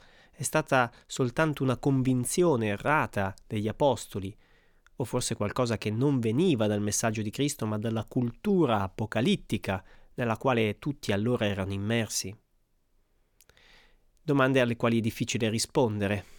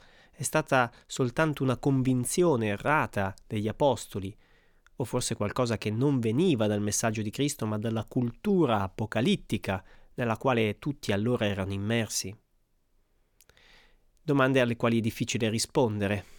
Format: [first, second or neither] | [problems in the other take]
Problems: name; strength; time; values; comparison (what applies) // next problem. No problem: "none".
neither | none